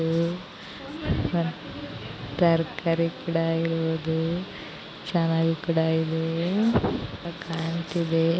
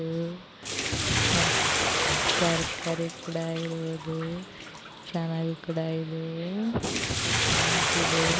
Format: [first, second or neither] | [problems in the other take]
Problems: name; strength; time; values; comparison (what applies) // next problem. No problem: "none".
first | background sound (Bathtub (filling or washing)); 3 dB above the speech